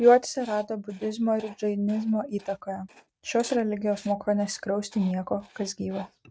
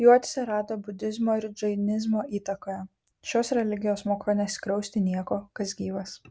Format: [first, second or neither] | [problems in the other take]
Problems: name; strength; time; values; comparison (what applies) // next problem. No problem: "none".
second | noise reduction (neural mask model RNNoise)